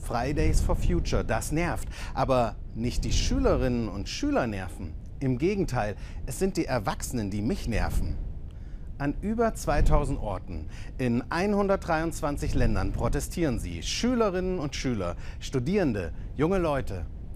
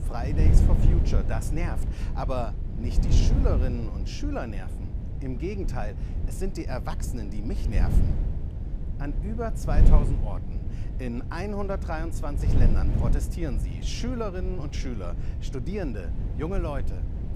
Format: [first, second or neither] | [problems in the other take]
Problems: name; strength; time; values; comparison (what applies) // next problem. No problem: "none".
first | wind noise on the microphone; heavy; 6 dB below the speech; occasional gusts in the first